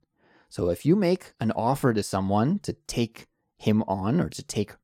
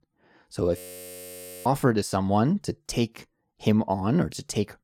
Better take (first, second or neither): first